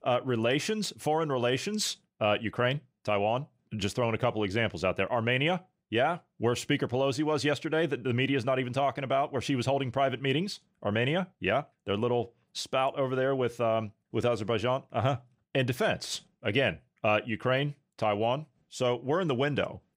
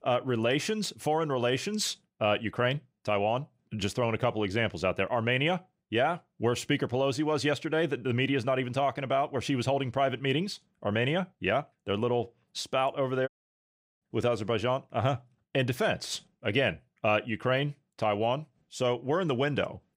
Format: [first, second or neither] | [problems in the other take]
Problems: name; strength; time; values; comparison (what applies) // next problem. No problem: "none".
first | audio cutting out; at 13 s for 0.5 s